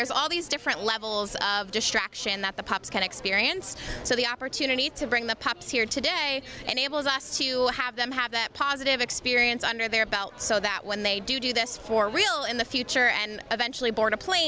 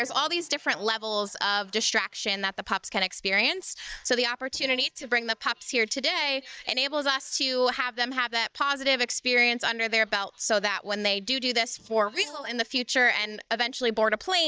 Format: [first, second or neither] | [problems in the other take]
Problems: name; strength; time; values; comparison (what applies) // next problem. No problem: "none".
first | noise reduction (neural mask model DeepFilterNet 3)